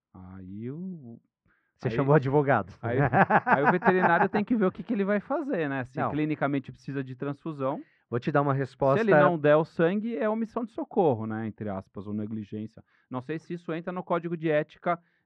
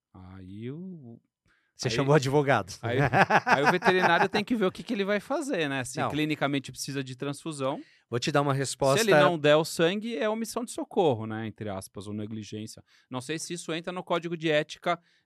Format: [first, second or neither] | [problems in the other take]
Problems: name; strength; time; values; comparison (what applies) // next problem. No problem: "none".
second | muffled; very; fading above 1.5 kHz